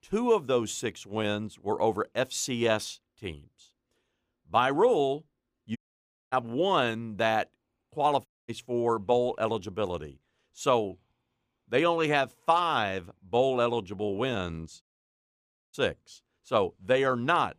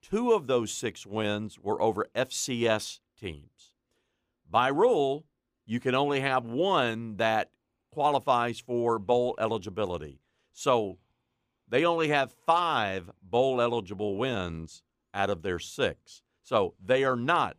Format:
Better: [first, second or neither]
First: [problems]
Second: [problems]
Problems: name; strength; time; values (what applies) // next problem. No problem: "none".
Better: second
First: audio cutting out; at 6 s for 0.5 s, at 8.5 s and at 15 s for 1 s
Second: none